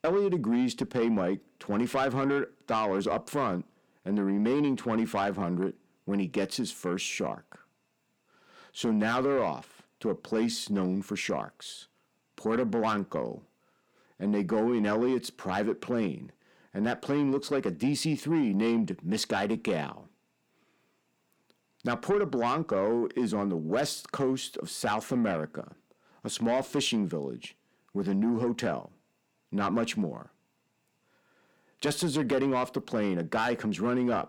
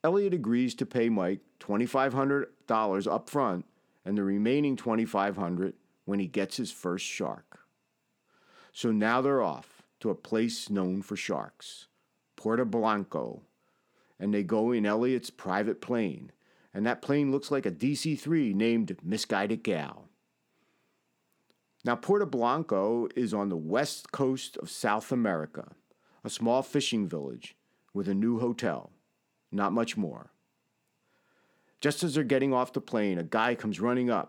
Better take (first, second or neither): second